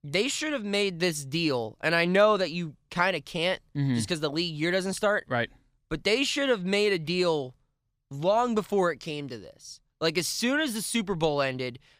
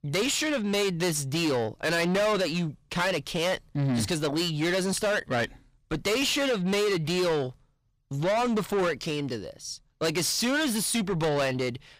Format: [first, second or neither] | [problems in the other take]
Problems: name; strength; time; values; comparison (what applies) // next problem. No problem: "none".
first | distortion; heavy; 6 dB below the speech